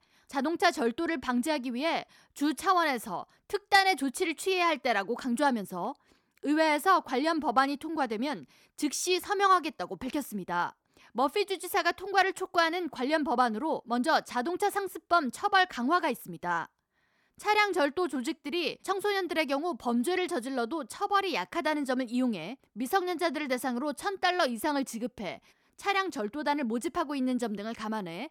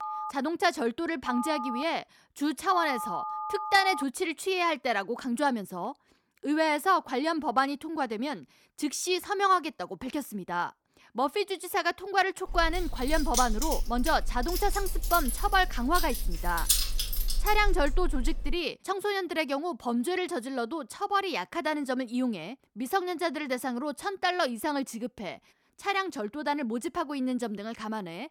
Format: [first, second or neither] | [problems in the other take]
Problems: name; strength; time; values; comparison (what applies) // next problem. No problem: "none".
first | phone ringing; noticeable; until 4 s; peak 5 dB below the speech // jangling keys; loud; from 12 to 19 s; peak 5 dB above the speech